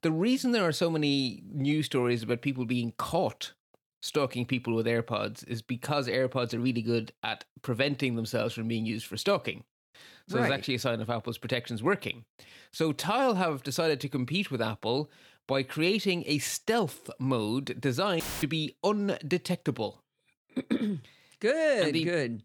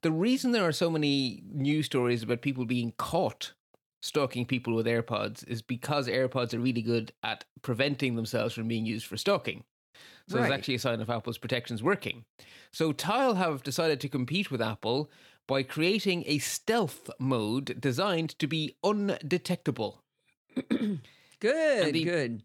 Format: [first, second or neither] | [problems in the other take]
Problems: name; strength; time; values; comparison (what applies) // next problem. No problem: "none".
second | audio cutting out; filled with static; at 18 s